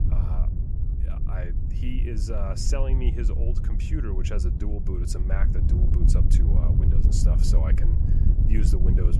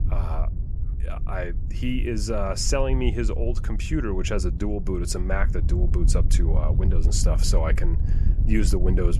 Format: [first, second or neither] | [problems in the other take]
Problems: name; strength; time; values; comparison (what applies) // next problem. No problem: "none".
second | wind noise on the microphone; heavy; 2 dB below the speech; occasional gusts in the second